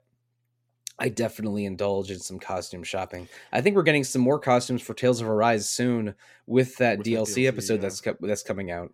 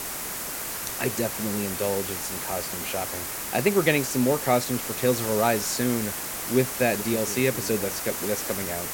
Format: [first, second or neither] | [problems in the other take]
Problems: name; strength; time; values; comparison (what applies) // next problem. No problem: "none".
first | hiss; loud; throughout; 3 dB below the speech